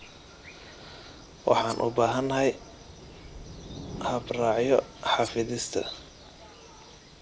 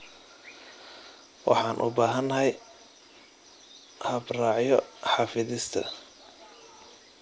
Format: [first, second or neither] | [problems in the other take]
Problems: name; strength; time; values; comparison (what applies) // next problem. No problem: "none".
second | background sound (Thunder / Rain + Cutlery, silverware); 16 dB below the speech